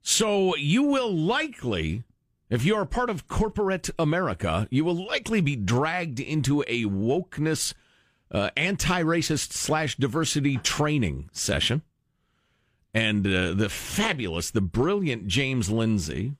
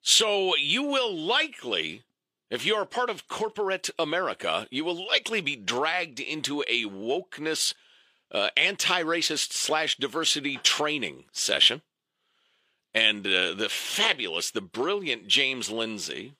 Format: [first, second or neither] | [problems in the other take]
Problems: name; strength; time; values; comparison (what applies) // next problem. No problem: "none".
first | thin; somewhat; fading below 450 Hz